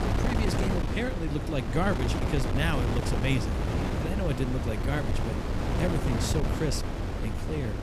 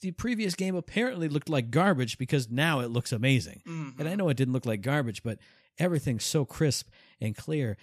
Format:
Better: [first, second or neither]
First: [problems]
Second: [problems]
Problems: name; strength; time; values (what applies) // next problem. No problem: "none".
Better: second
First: wind noise on the microphone; heavy; 1 dB below the speech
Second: none